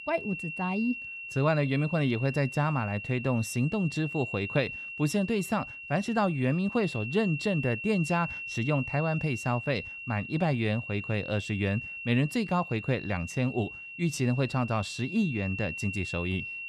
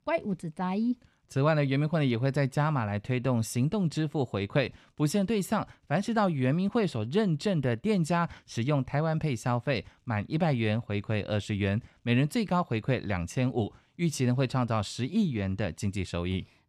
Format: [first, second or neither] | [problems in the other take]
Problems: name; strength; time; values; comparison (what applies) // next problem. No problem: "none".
second | high-pitched whine; loud; throughout; 2.5 kHz, 8 dB below the speech